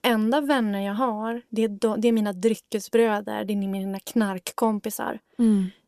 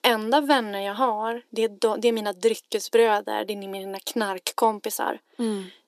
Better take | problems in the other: first | thin; somewhat; fading below 300 Hz

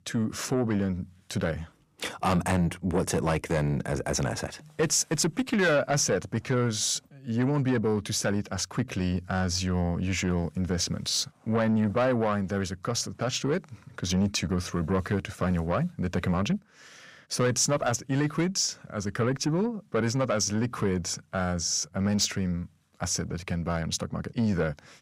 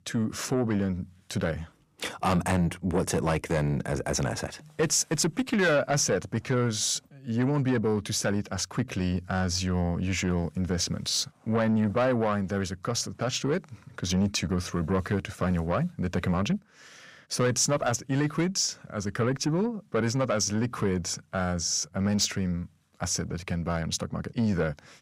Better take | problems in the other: neither | distortion; slight; 10 dB below the speech; the same in both

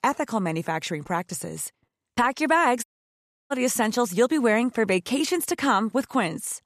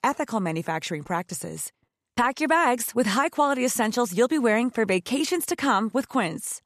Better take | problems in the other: second | audio cutting out; at 3 s for 0.5 s

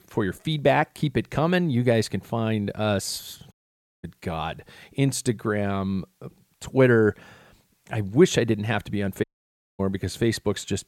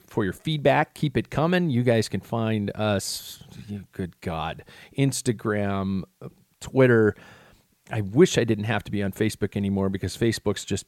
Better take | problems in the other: second | audio cutting out; at 3.5 s for 0.5 s and at 9 s for 0.5 s

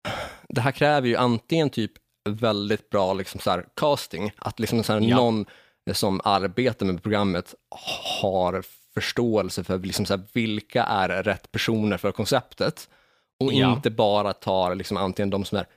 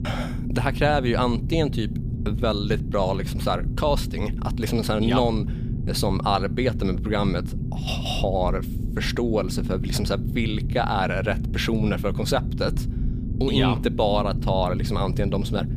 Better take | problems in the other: first | low rumble; noticeable; throughout; 15 dB below the speech

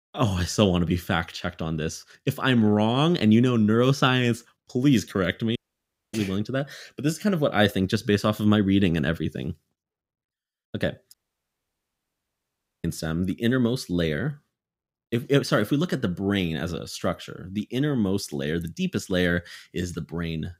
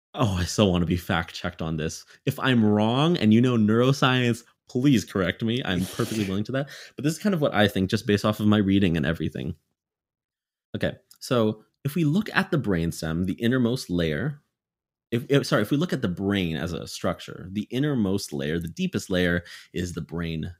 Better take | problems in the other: second | audio cutting out; at 5.5 s for 0.5 s and at 11 s for 1.5 s

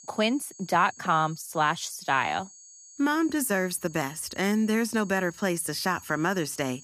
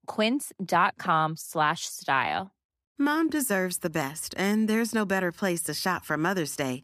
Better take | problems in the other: second | high-pitched whine; faint; throughout; 6.5 kHz, 20 dB below the speech

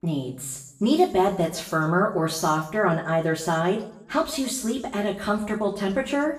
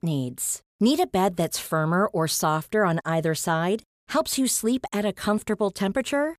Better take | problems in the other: second | room echo; slight; dies away in 0.7 s // off-mic speech; far

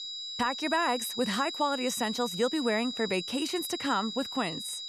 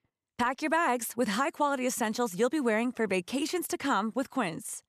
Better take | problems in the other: second | high-pitched whine; loud; throughout; 4 kHz, 5 dB below the speech

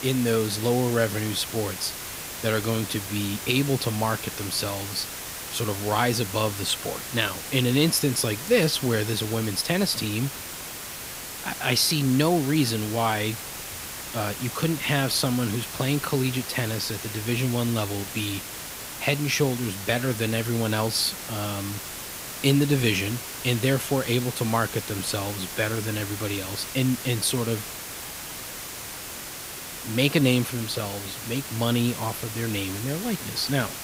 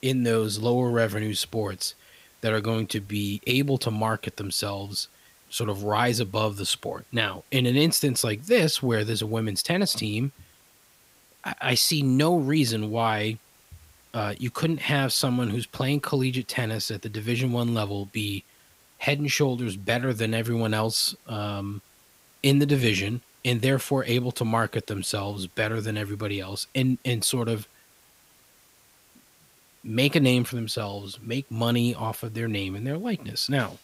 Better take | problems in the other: second | hiss; loud; throughout; 8 dB below the speech; faint in the second

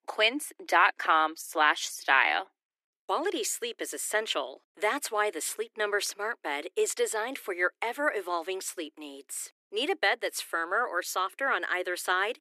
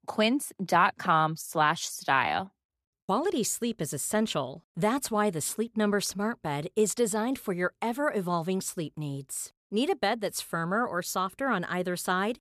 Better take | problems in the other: second | thin; very; fading below 300 Hz

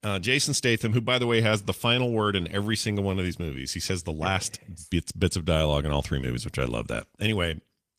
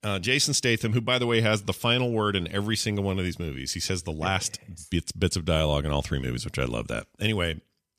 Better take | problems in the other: second | garbled, watery; slightly; nothing above 14.5 kHz

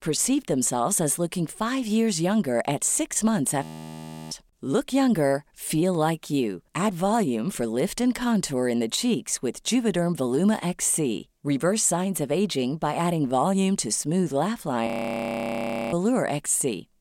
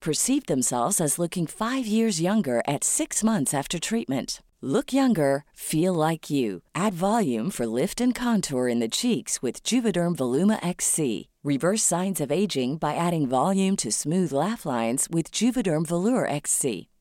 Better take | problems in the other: second | audio freezing; at 3.5 s for 0.5 s and at 15 s for 1 s

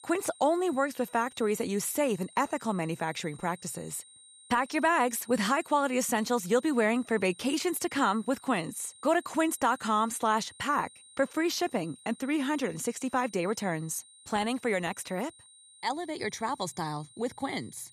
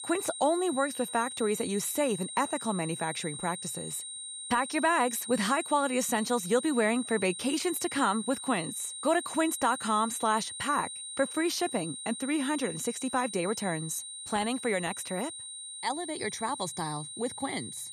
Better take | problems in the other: first | high-pitched whine; loud; throughout; 8.5 kHz, 8 dB below the speech; faint in the first

